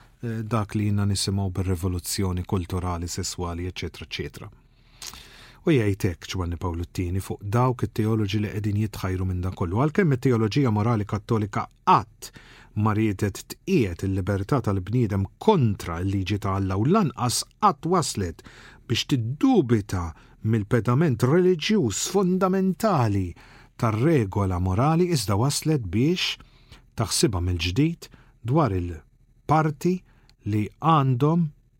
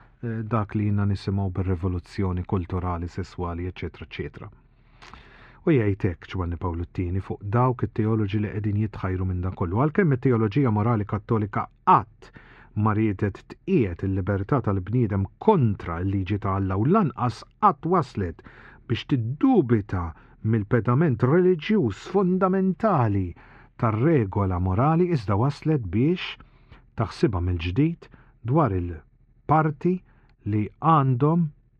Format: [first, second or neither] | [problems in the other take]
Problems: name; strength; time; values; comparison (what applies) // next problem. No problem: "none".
first | muffled; very; fading above 2 kHz